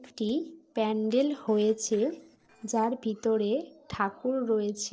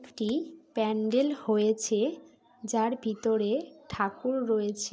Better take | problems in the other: second | noise reduction (neural separator model SepFormer DNS4)

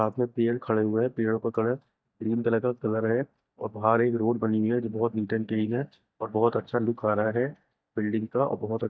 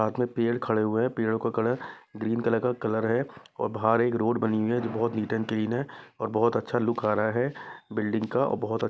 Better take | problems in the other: second | noise reduction (neural mask model DeepFilterNet 3)

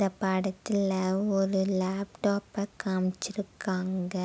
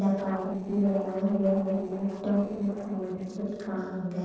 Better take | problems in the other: first | noise reduction (neural separator model SepFormer DNS4)

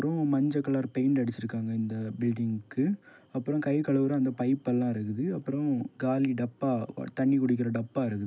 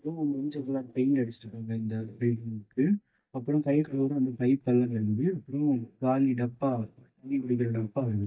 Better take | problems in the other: first | noise reduction (neural mask model DeepFilterNet 3)

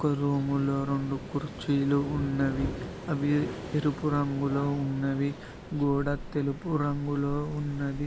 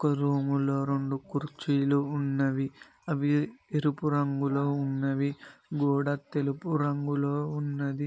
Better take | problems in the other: second | background sound (Waves, surf); 10 dB below the speech

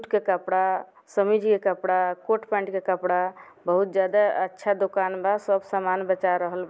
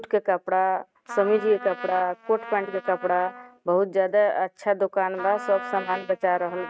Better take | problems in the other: first | noise reduction (neural mask model RNNoise)

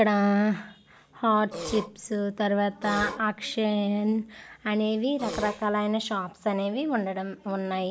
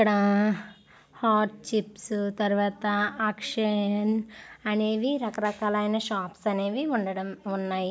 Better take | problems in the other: second | background sound (Burping, eructation); 9 dB below the speech

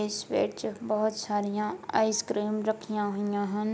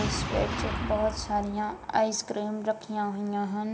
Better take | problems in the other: first | background sound (Boom); 6 dB below the speech // room echo; dies away in 0.8 s

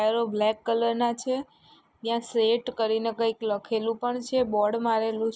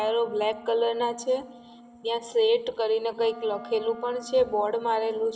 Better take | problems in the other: first | background sound (Wind instrument, woodwind instrument); 19 dB below the speech // room echo; dies away in 1.7 s

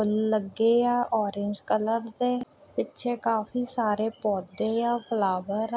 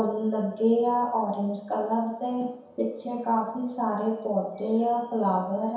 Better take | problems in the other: first | room echo; dies away in 0.7 s

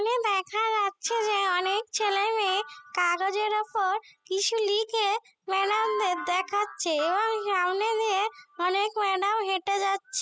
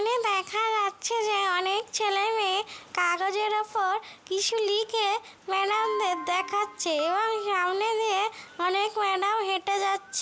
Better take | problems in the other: second | noise reduction (classical method spectral subtraction)

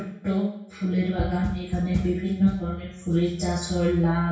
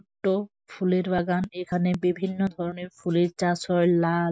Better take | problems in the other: second | room echo; dies away in 0.6 s

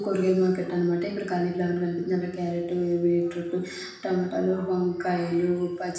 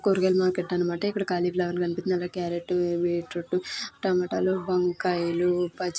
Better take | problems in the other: second | room echo; dies away in 0.9 s

